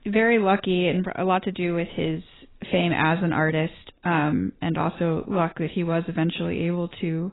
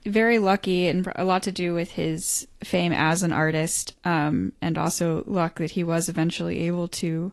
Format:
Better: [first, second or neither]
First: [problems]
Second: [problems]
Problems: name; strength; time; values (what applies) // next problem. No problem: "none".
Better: second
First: garbled, watery; badly; nothing above 4 kHz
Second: garbled, watery; slightly; nothing above 11.5 kHz